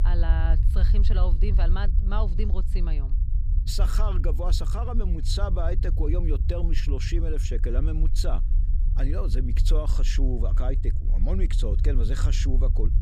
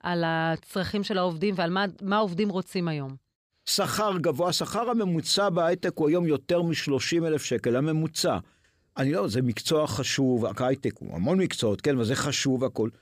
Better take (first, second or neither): second